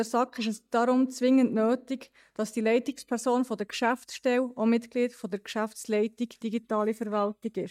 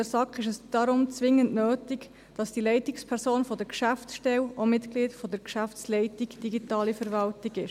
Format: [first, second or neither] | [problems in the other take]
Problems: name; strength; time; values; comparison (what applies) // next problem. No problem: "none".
second | noise reduction (neural mask model DeepFilterNet 3)